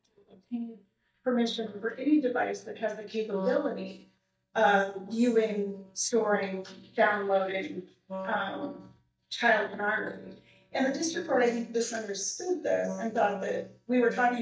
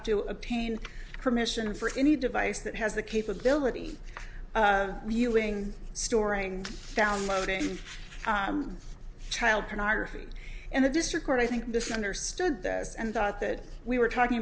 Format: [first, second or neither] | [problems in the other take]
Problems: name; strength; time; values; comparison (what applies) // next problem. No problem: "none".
second | noise reduction (neural mask model DeepFilterNet 3)